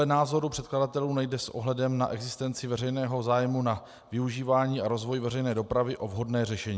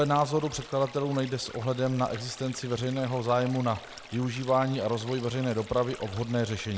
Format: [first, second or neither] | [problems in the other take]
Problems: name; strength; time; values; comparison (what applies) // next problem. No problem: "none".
first | background sound (Stream); 17 dB below the speech